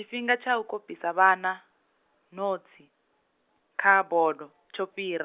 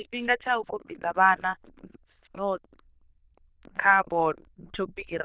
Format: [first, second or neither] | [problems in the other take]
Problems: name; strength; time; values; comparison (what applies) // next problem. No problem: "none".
first | noise reduction (neural diffusion model UNIVERSE++)